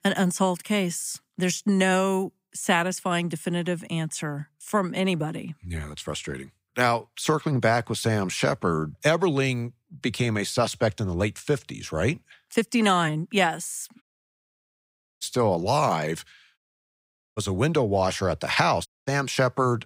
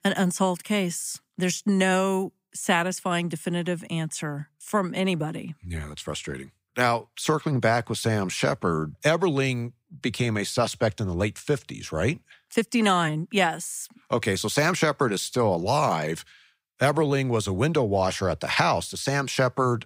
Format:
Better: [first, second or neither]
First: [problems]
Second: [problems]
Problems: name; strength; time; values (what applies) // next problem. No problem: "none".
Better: second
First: audio cutting out; at 14 s for 1 s, at 17 s for 1 s and at 19 s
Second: none